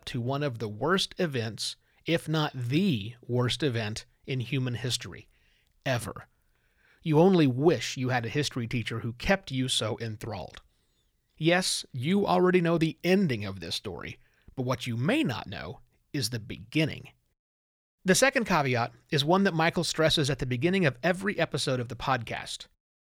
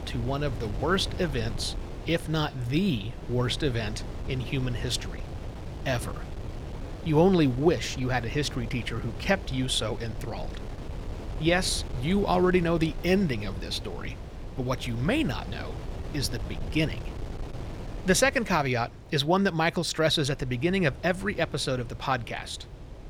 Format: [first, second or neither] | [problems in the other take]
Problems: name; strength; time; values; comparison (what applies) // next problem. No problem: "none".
first | wind noise on the microphone; occasional gusts; 15 dB below the speech